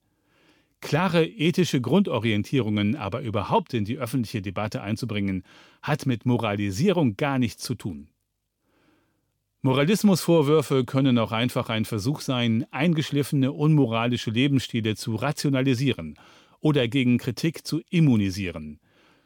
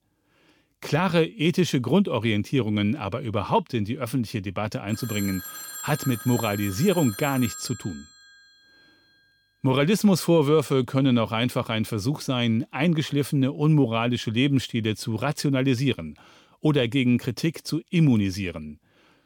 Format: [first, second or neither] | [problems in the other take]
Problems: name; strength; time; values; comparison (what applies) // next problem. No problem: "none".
first | phone ringing; noticeable; from 5 to 8.5 s; peak 10 dB below the speech